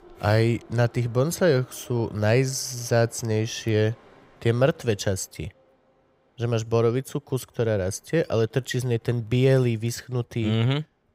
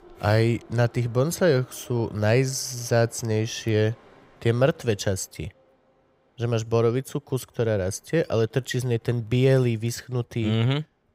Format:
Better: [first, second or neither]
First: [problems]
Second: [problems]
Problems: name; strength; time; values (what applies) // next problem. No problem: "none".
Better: neither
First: train or aircraft noise; faint; throughout; 30 dB below the speech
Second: train or aircraft noise; faint; throughout; 30 dB below the speech